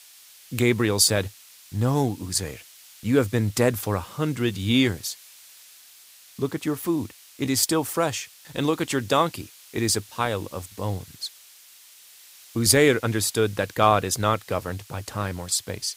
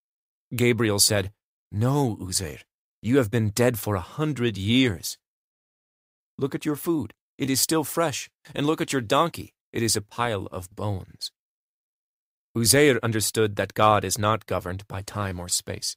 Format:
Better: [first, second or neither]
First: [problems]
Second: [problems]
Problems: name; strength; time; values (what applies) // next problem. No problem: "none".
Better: second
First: hiss; faint; throughout; 20 dB below the speech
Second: none